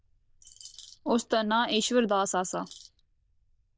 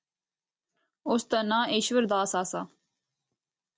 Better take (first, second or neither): second